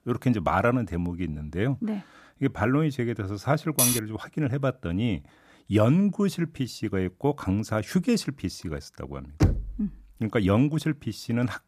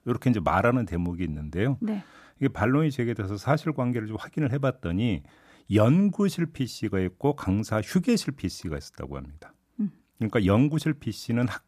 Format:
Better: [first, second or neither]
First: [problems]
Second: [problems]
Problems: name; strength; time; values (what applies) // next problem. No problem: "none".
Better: second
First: clattering dishes; loud; at 4 s; peak 4 dB above the speech // door banging; loud; at 9.5 s; peak 2 dB above the speech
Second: none